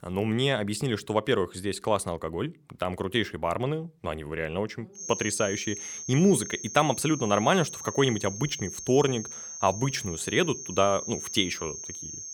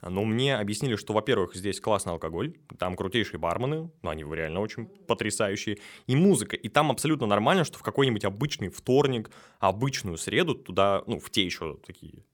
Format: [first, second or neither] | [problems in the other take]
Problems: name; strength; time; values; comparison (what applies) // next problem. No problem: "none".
second | high-pitched whine; loud; from 5 s on; 6.5 kHz, 9 dB below the speech